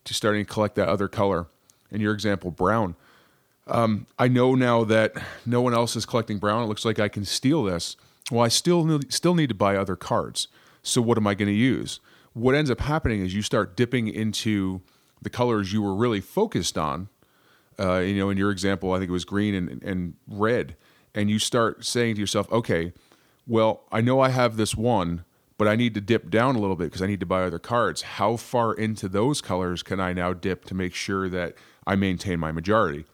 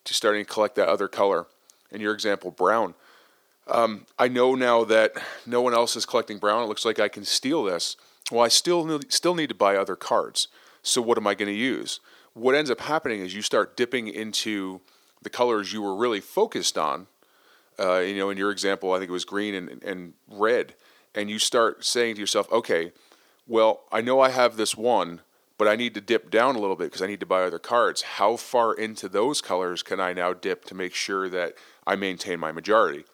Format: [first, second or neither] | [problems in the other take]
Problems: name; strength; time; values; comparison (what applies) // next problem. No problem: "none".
first | thin; somewhat; fading below 450 Hz